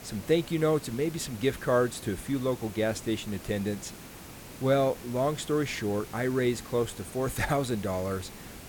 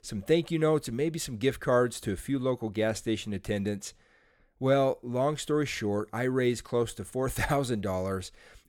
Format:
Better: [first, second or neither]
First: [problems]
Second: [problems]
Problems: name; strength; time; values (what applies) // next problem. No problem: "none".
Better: second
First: hiss; noticeable; throughout; 15 dB below the speech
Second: none